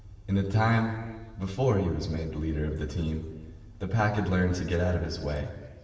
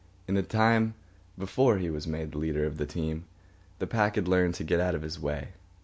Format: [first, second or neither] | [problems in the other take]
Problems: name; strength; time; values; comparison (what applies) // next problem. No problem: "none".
second | background sound (Motor vehicle (road)); 19 dB below the speech // room echo; dies away in 1.3 s